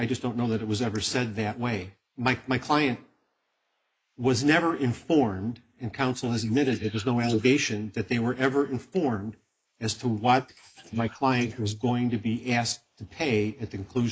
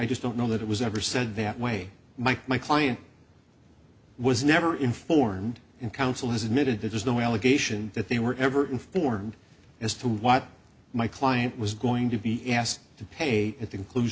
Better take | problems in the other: second | noise reduction (neural mask model Resemble Enhance denoiser)

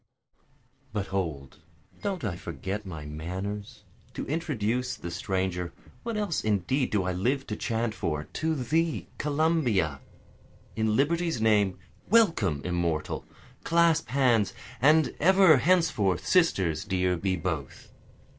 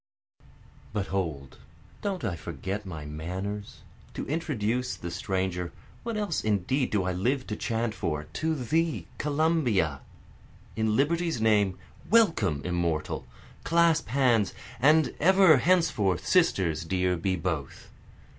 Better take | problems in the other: second | noise reduction (neural separator model SepFormer DNS4)

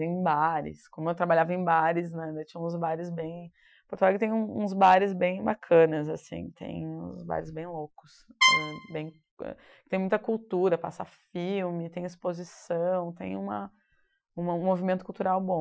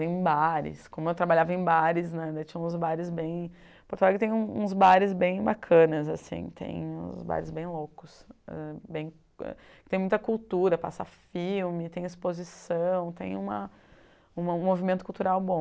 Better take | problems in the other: second | noise reduction (classical method Wiener filter)

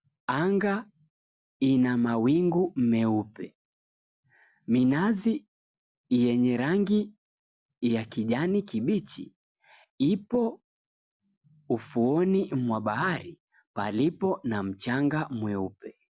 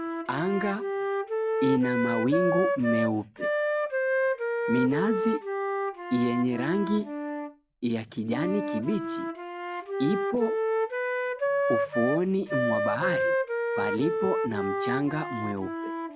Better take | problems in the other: first | background sound (Wind instrument, woodwind instrument); 1 dB above the speech

